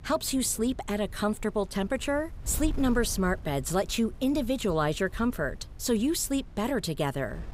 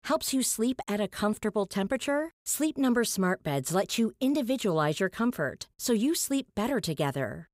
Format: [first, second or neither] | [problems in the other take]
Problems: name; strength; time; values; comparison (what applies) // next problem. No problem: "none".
second | wind noise on the microphone; occasional gusts; 25 dB below the speech